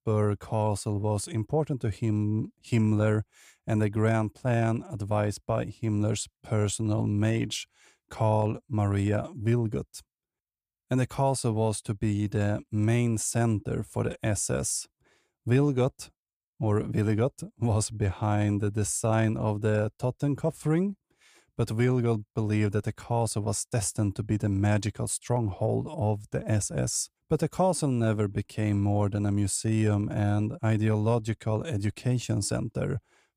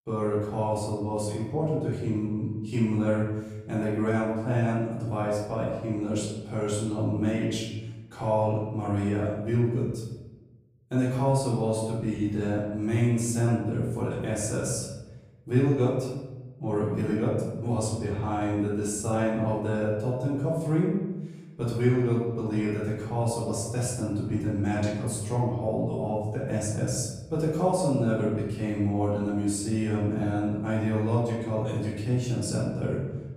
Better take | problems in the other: first | room echo; noticeable; dies away in 1 s // off-mic speech; far

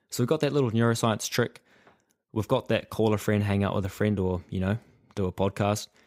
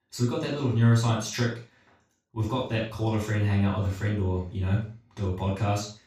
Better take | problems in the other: first | room echo; noticeable; dies away in 0.3 s // off-mic speech; far

